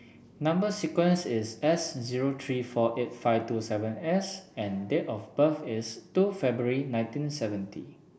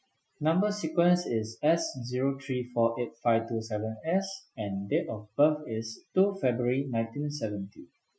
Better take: first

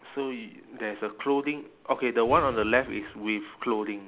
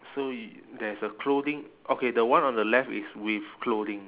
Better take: second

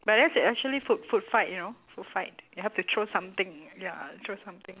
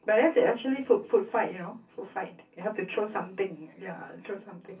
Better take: first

